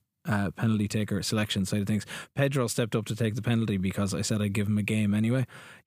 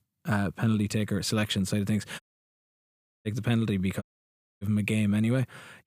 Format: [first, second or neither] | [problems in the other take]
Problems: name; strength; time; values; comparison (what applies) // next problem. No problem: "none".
first | audio cutting out; at 2 s for 1 s and at 4 s for 0.5 s